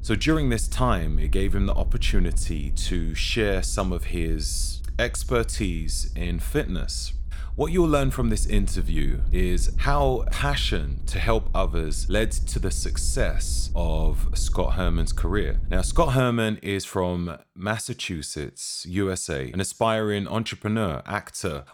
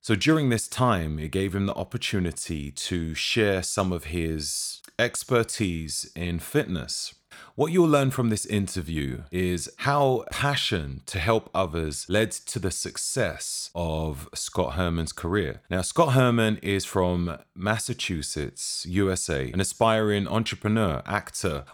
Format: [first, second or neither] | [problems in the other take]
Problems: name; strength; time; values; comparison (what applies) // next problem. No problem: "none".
second | low rumble; faint; until 16 s; 20 dB below the speech